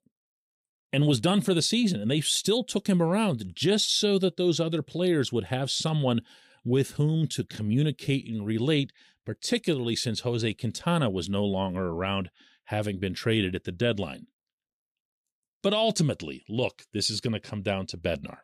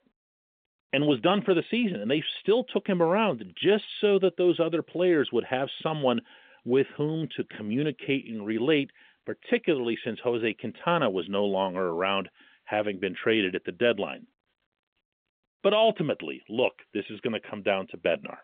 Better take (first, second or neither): first